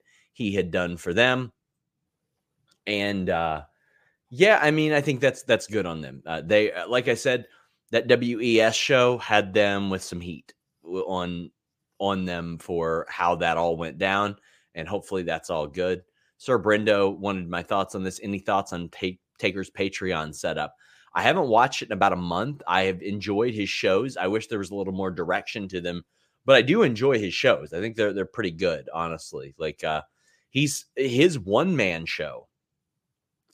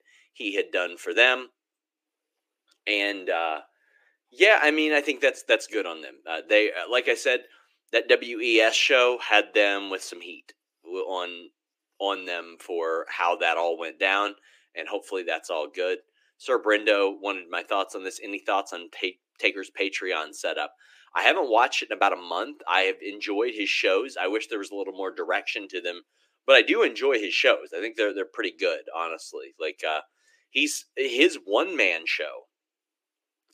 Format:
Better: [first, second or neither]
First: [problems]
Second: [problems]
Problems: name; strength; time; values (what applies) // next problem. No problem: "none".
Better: first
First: none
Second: thin; somewhat; fading below 300 Hz